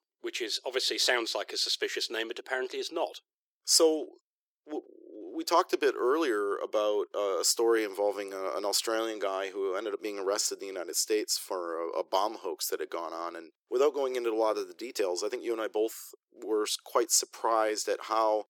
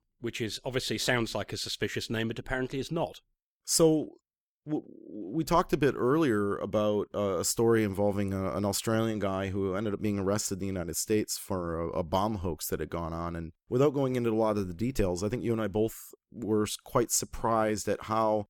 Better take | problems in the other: second | thin; very; fading below 350 Hz

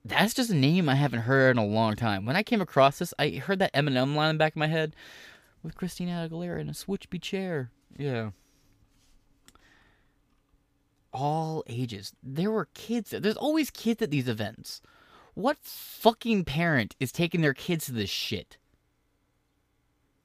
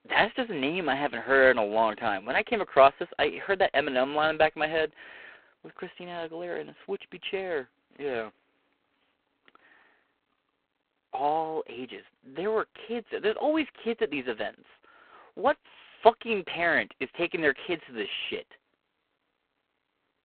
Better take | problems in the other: first | phone-call audio; poor line

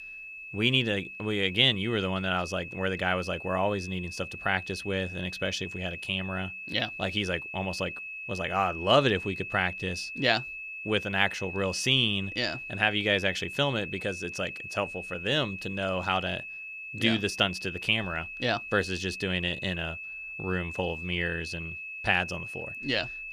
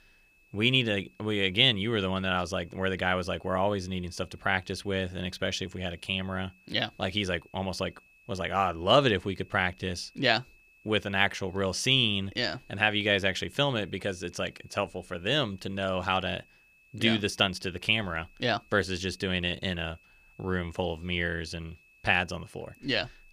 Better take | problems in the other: second | high-pitched whine; loud; throughout; 2.5 kHz, 9 dB below the speech; faint in the second

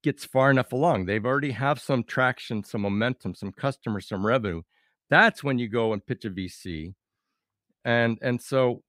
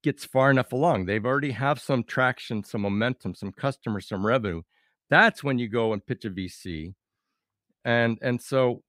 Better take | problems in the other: neither | none

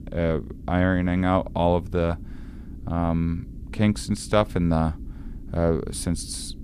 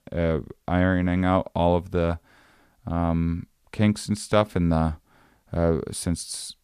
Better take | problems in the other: second | low rumble; faint; throughout; 25 dB below the speech

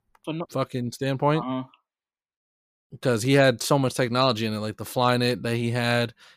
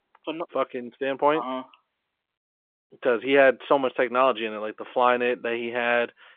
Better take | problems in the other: first | phone-call audio; nothing above 3.5 kHz

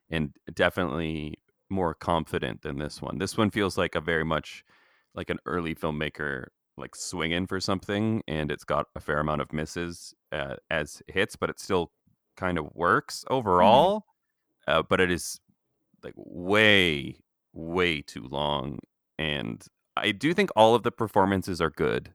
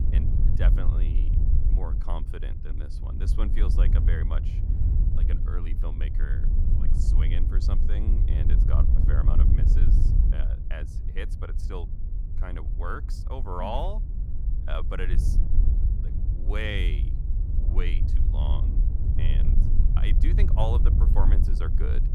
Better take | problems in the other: first | wind noise on the microphone; heavy; 5 dB below the speech

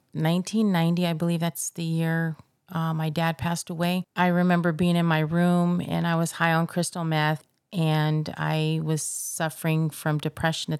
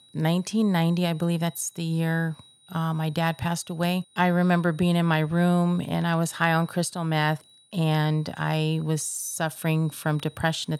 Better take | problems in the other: first | high-pitched whine; faint; throughout; 4 kHz, 25 dB below the speech

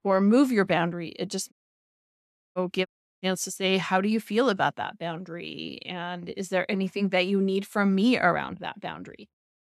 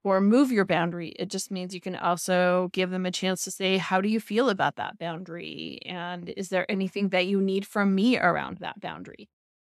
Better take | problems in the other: second | audio cutting out; at 1.5 s for 1 s and at 3 s

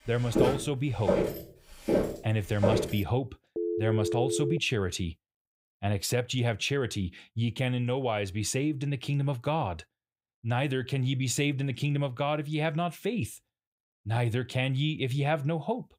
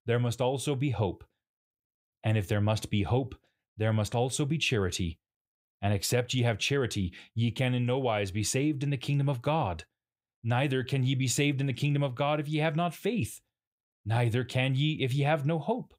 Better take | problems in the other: second | footsteps; loud; until 3 s; peak 2 dB above the speech // phone ringing; noticeable; from 3.5 to 4.5 s; peak 1 dB below the speech

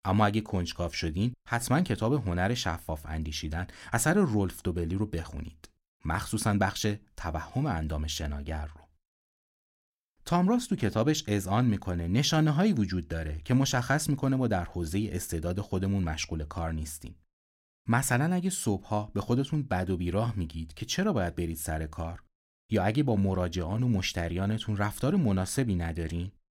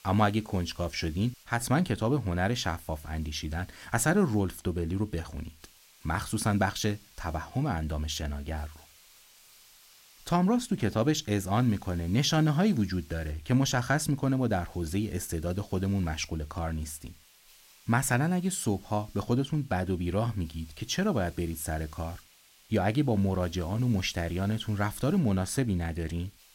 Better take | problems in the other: first | hiss; faint; throughout; 25 dB below the speech

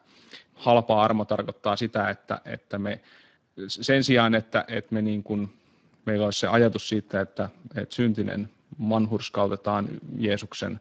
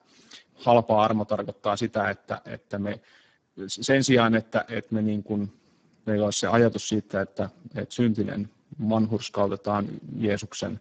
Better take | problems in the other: first | garbled, watery; badly; nothing above 7.5 kHz; slightly in the first

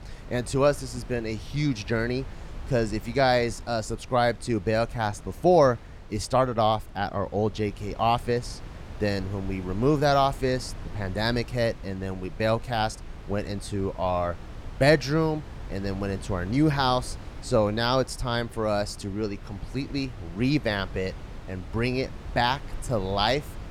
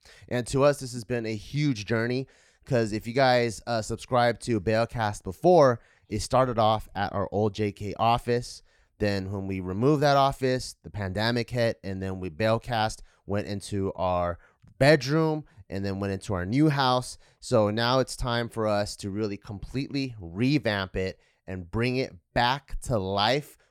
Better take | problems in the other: second | wind noise on the microphone; occasional gusts; 20 dB below the speech

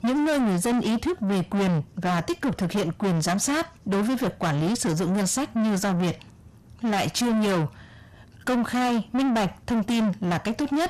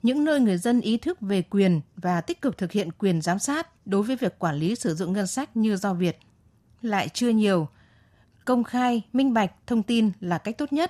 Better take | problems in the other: second | distortion; heavy; 7 dB below the speech

